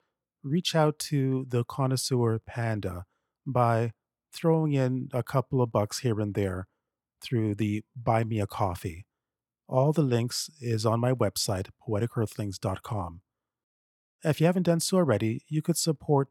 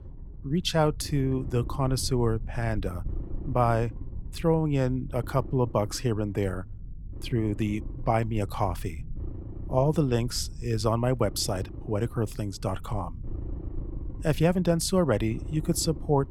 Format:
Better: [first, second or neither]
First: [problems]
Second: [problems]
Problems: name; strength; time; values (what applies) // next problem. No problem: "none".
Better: first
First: none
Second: low rumble; faint; throughout; 20 dB below the speech